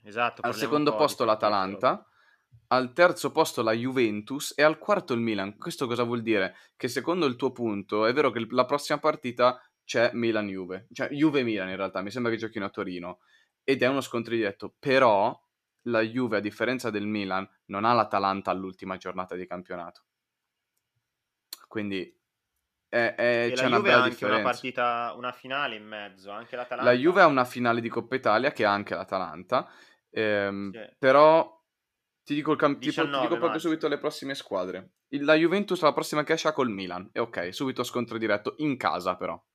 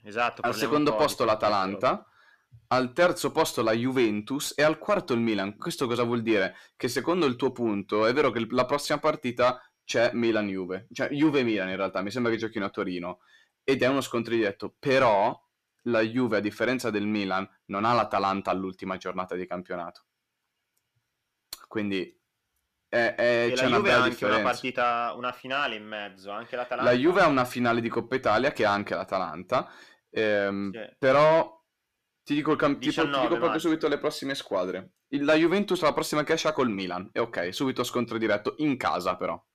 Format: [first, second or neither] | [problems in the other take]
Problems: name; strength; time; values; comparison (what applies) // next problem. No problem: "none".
first | distortion; slight; 10 dB below the speech